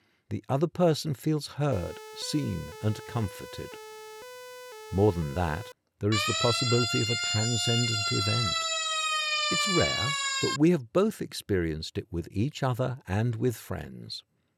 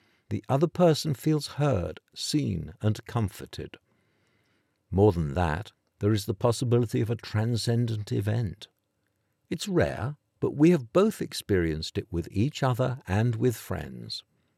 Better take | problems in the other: second | siren; faint; from 1.5 to 5.5 s; peak 15 dB below the speech // siren; loud; from 6 to 11 s; peak 5 dB above the speech

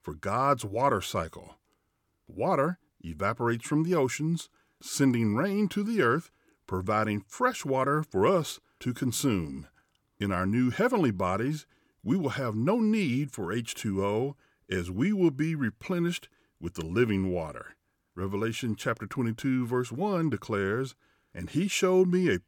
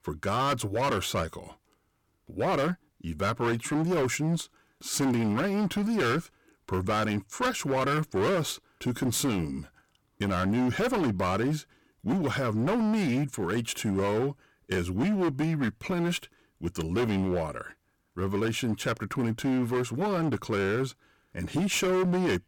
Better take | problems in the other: first | distortion; heavy; 19% of the sound clipped

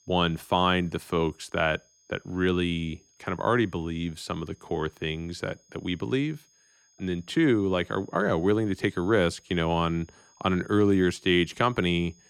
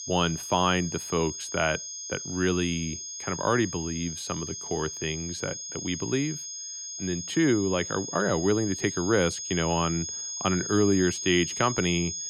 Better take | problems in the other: first | high-pitched whine; loud; throughout; 6.5 kHz, 6 dB below the speech; faint in the first

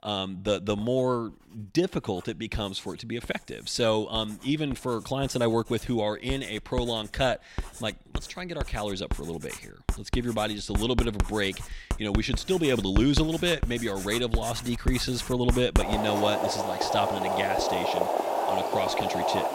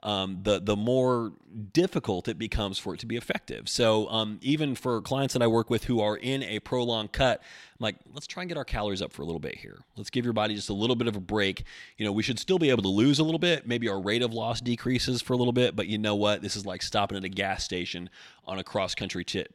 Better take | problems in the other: second | household noises; loud; throughout; 3 dB below the speech

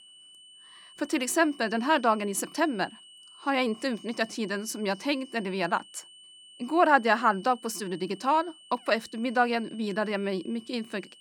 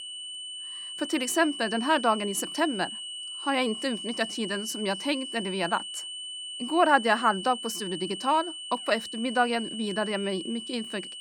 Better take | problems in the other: first | high-pitched whine; loud; throughout; 3 kHz, 8 dB below the speech; faint in the first

